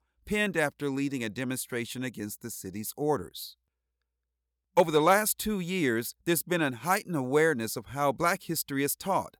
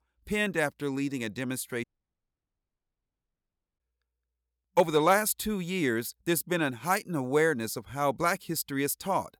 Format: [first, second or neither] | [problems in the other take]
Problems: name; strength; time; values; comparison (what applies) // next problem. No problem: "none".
first | audio cutting out; at 2 s for 2 s